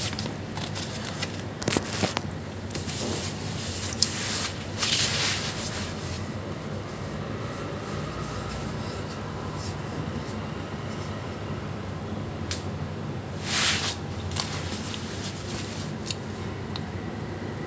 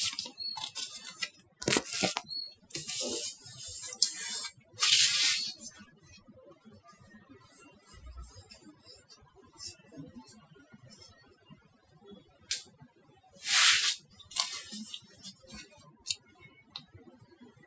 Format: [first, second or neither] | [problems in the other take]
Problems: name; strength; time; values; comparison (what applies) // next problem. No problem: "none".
first | noise reduction (classical method Wiener filter)